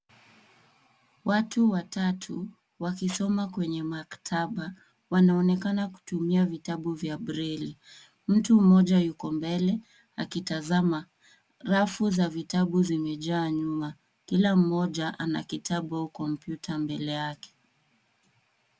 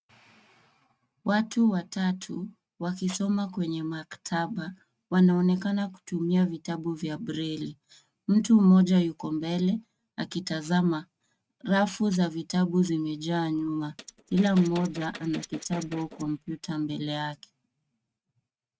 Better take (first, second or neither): first